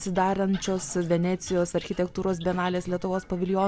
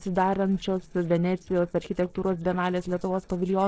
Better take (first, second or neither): first